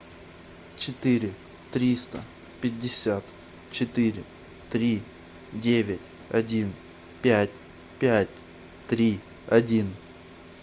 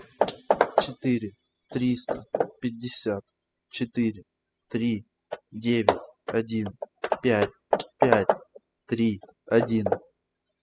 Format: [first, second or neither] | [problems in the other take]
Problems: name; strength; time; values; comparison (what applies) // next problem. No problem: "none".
first | noise reduction (classical method spectral subtraction)